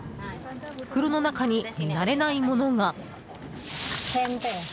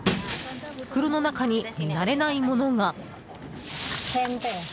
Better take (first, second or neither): first